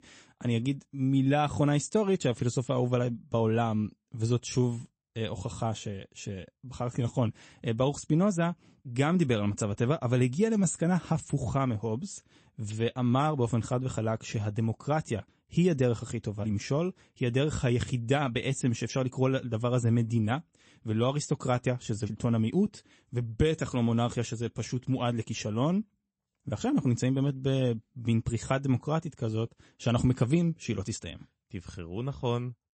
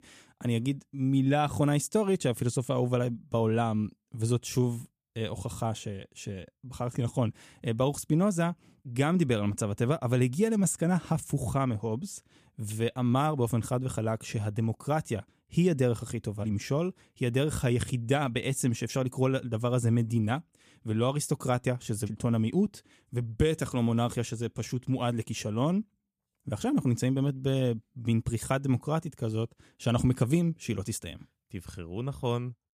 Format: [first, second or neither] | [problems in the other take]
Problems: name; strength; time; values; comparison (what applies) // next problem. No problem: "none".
second | garbled, watery; slightly; nothing above 8 kHz